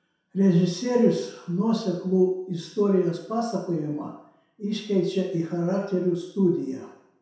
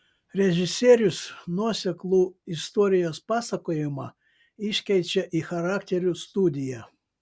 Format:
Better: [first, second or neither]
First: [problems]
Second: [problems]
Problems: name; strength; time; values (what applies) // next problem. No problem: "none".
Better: second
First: room echo; dies away in 0.7 s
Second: none